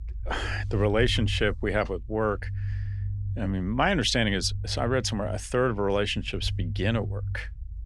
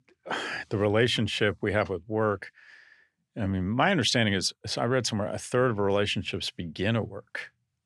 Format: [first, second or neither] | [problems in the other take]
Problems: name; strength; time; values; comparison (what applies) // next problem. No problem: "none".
second | low rumble; faint; throughout; 20 dB below the speech